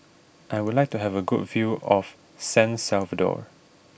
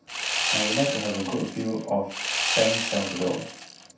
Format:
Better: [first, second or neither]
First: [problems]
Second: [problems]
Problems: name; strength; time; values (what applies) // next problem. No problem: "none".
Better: first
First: none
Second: background sound (Sawing); 1 dB below the speech // room echo; dies away in 0.7 s